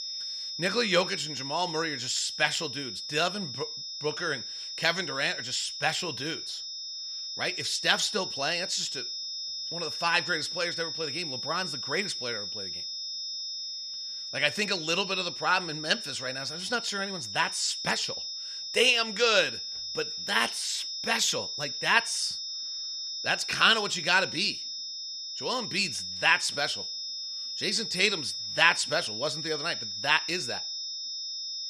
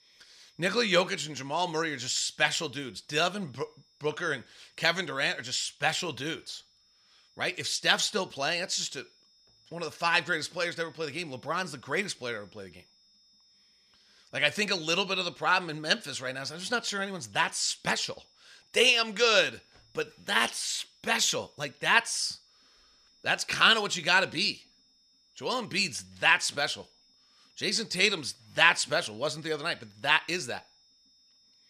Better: second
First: high-pitched whine; loud; throughout; 5 kHz, 5 dB below the speech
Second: high-pitched whine; faint; throughout; 5 kHz, 35 dB below the speech

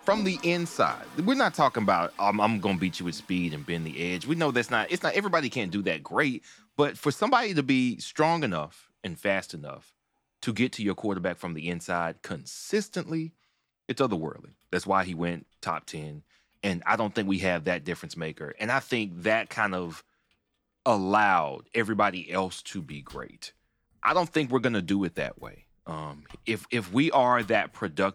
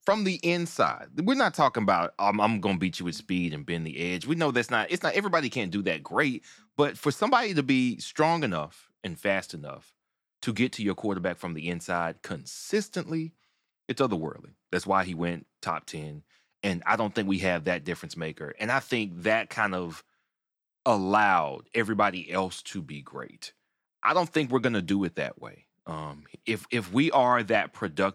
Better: second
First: household noises; faint; throughout; 25 dB below the speech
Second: none

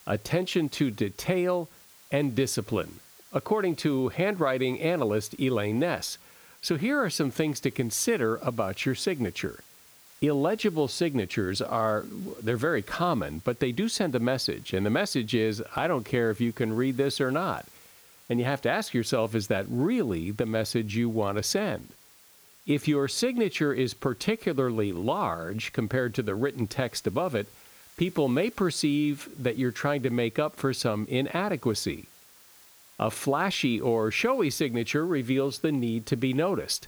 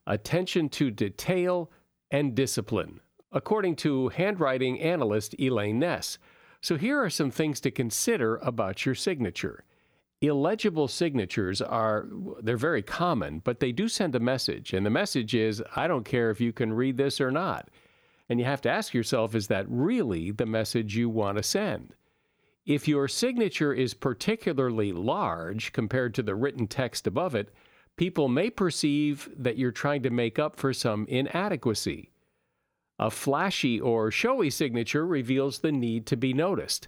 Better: second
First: hiss; faint; throughout; 25 dB below the speech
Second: none

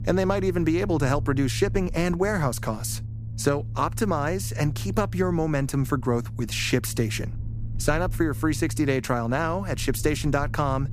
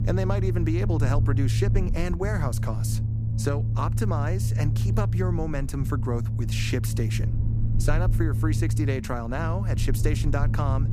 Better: first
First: low rumble; faint; throughout; 20 dB below the speech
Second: low rumble; loud; throughout; 7 dB below the speech

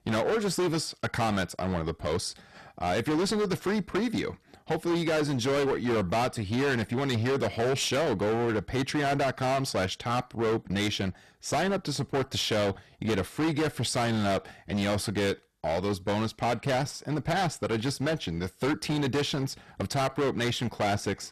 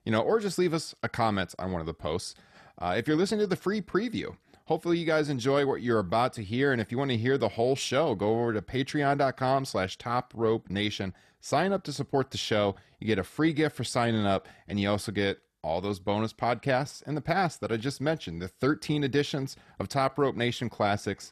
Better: second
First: distortion; heavy; 21% of the sound clipped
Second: none

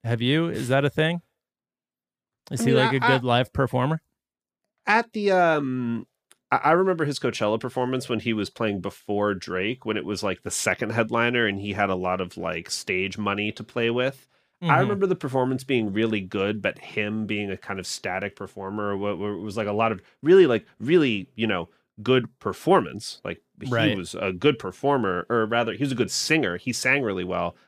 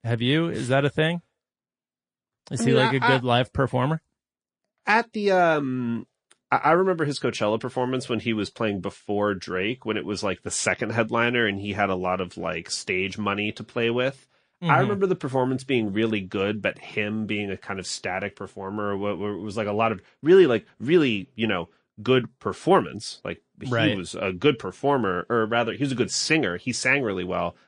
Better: first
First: none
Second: garbled, watery; slightly; nothing above 9 kHz

